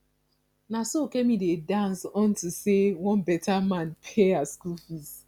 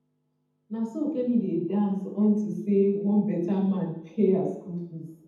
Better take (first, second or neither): first